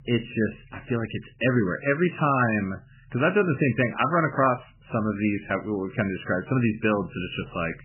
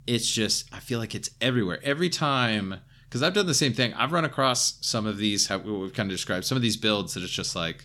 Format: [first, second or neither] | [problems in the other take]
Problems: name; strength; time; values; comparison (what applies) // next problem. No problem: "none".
second | garbled, watery; badly; nothing above 3 kHz